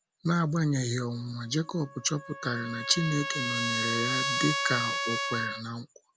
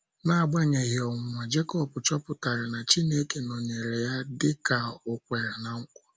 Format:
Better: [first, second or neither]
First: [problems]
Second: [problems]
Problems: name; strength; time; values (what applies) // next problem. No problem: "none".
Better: second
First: background sound (Trumpet); 3 dB below the speech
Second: none